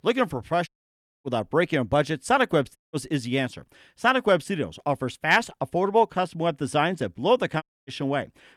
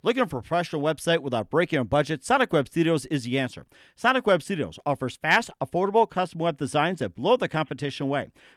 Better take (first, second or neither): second